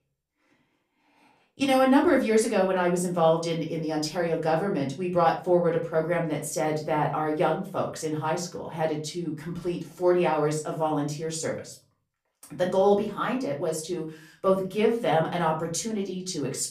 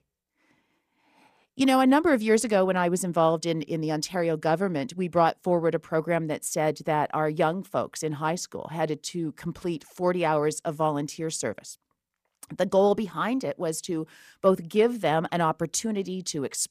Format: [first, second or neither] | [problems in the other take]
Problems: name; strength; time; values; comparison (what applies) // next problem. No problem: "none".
second | off-mic speech; far // room echo; slight; dies away in 0.3 s